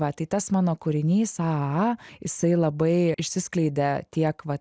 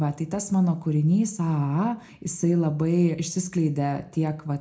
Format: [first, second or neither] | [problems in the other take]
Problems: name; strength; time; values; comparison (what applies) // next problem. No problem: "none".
first | room echo; dies away in 0.3 s